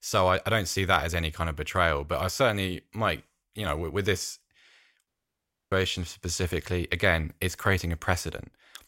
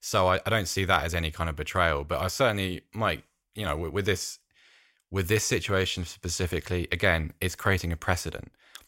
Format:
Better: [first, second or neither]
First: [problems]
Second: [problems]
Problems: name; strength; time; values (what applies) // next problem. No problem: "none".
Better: second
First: audio cutting out; at 5 s for 0.5 s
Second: none